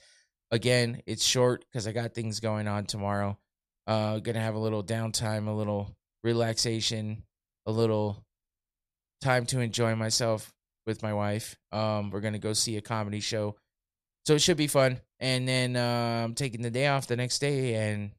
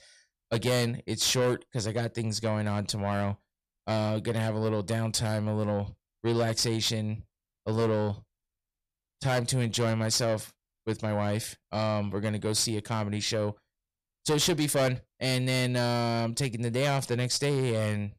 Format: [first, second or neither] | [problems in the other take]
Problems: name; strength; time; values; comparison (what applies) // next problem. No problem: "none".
first | distortion; slight; 10 dB below the speech